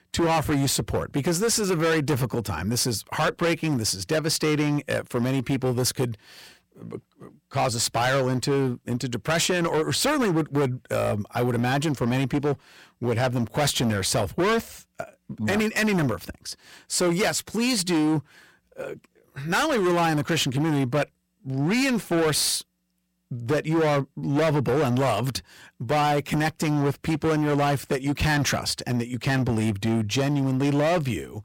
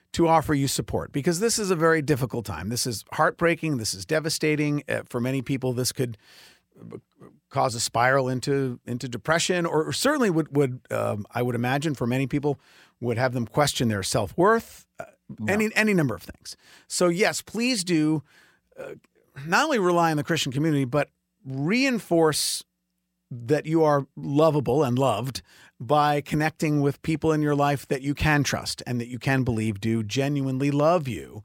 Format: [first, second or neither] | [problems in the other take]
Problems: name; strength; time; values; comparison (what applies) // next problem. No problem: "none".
second | distortion; heavy; 17% of the sound clipped